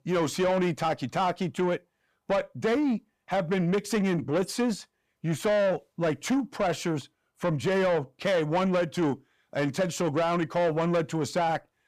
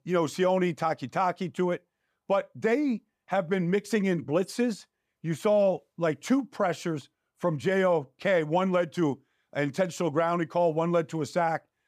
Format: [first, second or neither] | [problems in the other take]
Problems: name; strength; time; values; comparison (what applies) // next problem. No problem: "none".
second | distortion; slight; 10 dB below the speech